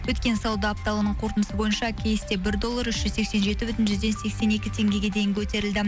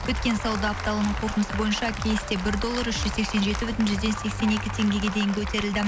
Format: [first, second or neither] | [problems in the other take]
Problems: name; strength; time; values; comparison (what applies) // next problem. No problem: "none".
first | background sound (Applause); 10 dB below the speech